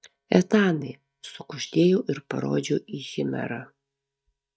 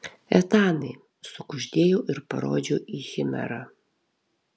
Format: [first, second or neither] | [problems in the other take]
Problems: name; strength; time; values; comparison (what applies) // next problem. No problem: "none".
second | noise reduction (neural mask model DeepFilterNet 3)